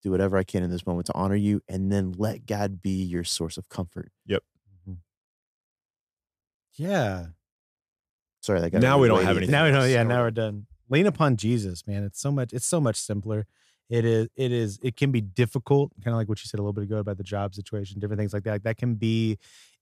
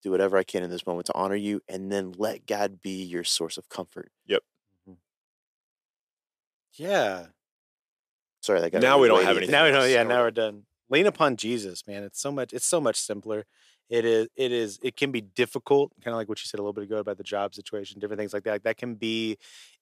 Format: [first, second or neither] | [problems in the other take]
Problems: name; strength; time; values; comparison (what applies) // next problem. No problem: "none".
first | thin; somewhat; fading below 400 Hz